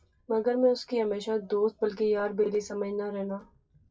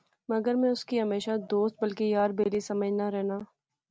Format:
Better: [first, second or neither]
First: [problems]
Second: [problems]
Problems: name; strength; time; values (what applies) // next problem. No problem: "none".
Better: second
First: noise reduction (classical method WPE with log-MMSE)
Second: none